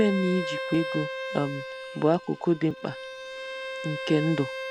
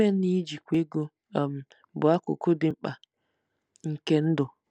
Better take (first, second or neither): second